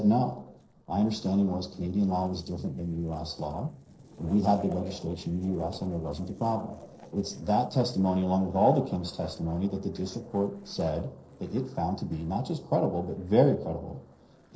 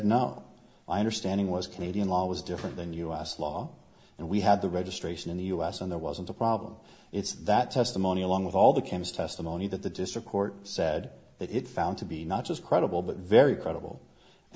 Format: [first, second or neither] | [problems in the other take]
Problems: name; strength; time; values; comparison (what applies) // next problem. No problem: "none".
second | noise reduction (neural separator model SepFormer DNS4)